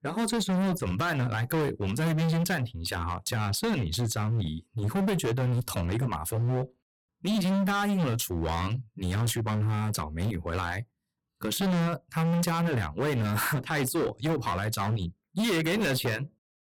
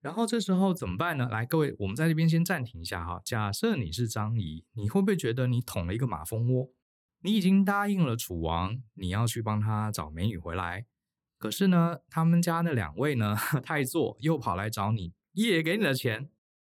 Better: second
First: distortion; heavy; 24% of the sound clipped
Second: none

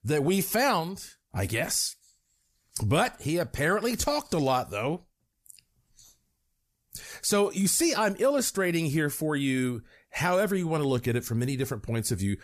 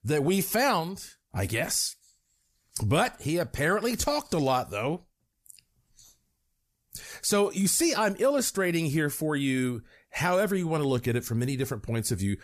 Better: neither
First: none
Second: none

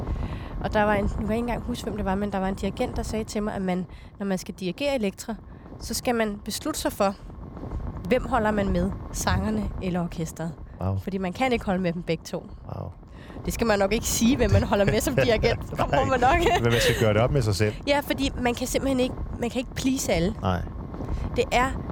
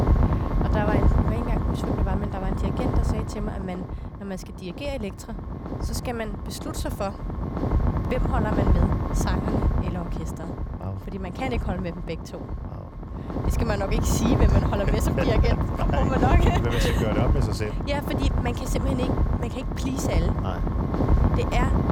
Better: first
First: wind noise on the microphone; occasional gusts; 15 dB below the speech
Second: wind noise on the microphone; heavy; as loud as the speech

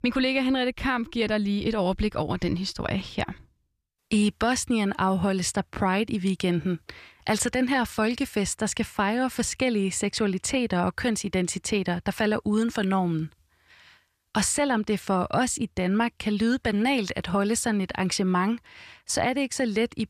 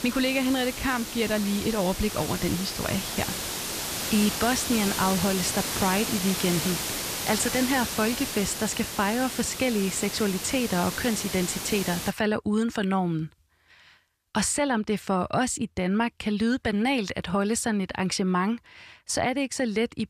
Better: first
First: none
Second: hiss; loud; until 12 s; 4 dB below the speech

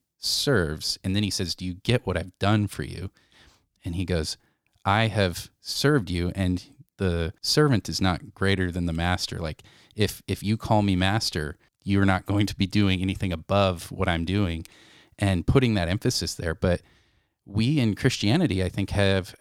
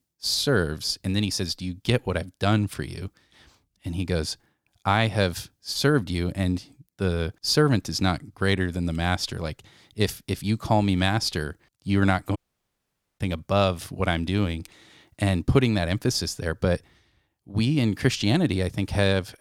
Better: first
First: none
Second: audio cutting out; at 12 s for 1 s

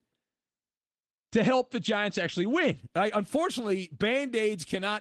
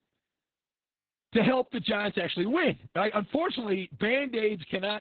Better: first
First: garbled, watery; slightly; nothing above 13.5 kHz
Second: garbled, watery; badly; nothing above 4 kHz

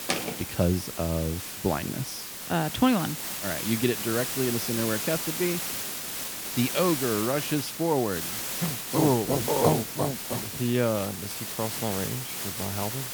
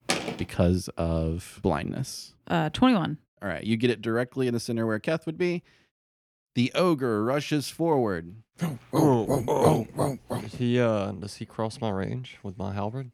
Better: second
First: hiss; loud; throughout; 3 dB below the speech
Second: none

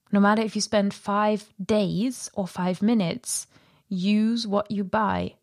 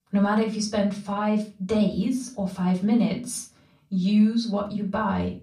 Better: first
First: none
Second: off-mic speech; far // room echo; slight; dies away in 0.3 s

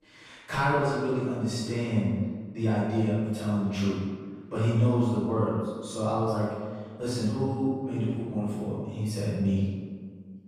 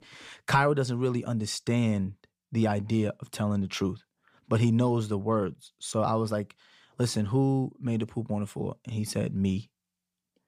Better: second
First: off-mic speech; far // room echo; strong; dies away in 1.5 s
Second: none

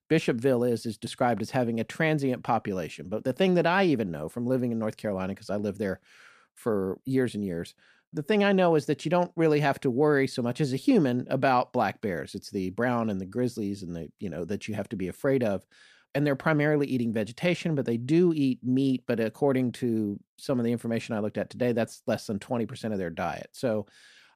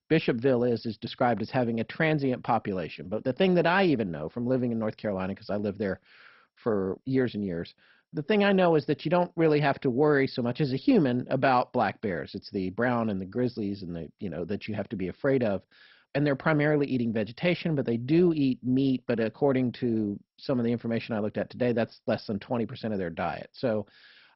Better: first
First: none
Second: garbled, watery; badly; nothing above 5.5 kHz

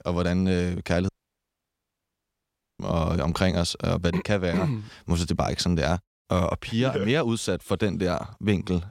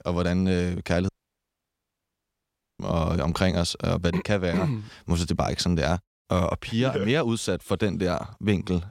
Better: neither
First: audio cutting out; at 1 s for 1.5 s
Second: audio cutting out; at 1 s for 1.5 s

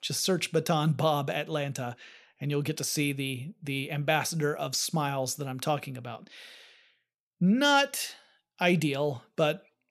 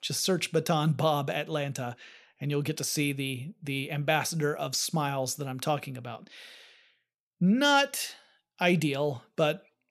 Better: neither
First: none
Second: none

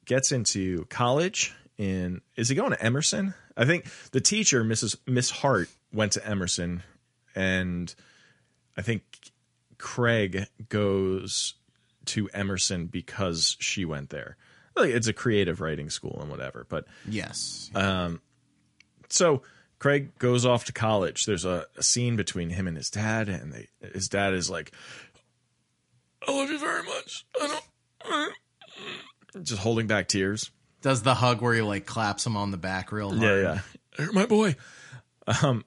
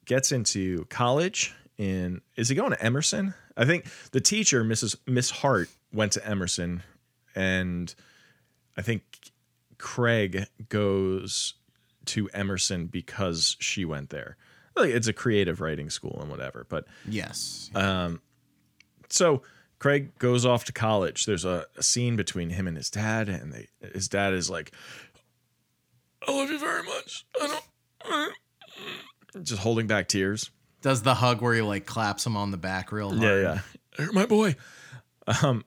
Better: second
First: garbled, watery; slightly; nothing above 10.5 kHz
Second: none

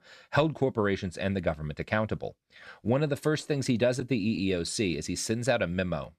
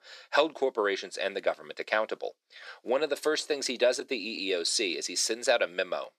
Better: first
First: none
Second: thin; very; fading below 350 Hz

